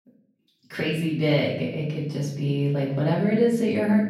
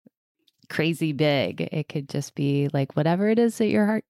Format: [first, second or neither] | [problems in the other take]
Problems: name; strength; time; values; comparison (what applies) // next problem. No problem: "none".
second | off-mic speech; far // room echo; noticeable; dies away in 0.7 s